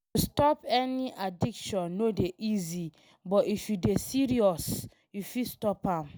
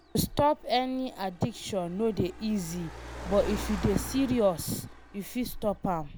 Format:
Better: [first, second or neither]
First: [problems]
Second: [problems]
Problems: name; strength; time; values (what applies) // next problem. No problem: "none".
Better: first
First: none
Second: background sound (Car); 12 dB below the speech